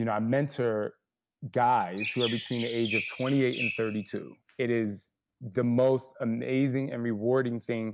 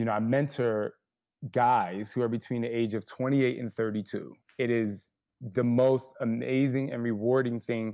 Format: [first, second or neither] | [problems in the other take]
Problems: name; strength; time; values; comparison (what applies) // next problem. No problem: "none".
second | background sound (Chirp, tweet); 7 dB below the speech